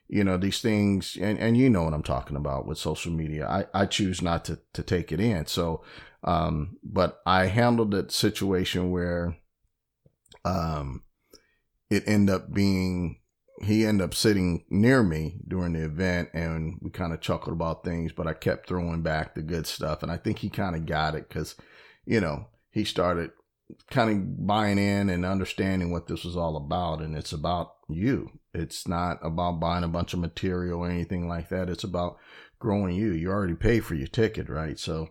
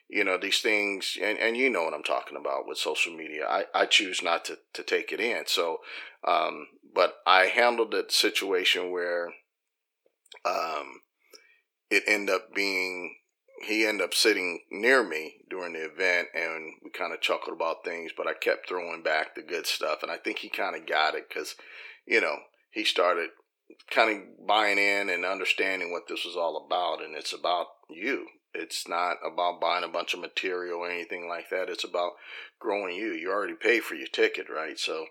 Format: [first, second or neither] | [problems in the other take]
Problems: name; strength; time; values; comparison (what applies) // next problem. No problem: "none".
first | thin; very; fading below 350 Hz